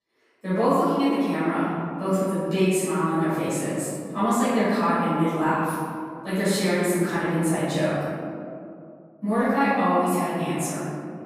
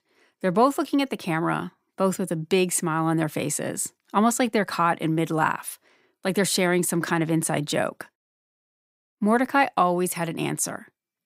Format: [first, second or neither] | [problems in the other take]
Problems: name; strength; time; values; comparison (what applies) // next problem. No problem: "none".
second | off-mic speech; far // room echo; strong; dies away in 2.3 s